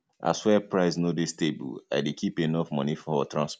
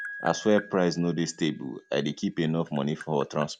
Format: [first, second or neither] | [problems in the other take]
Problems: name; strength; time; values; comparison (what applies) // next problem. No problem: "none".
first | background sound (Piano + Tap); 17 dB below the speech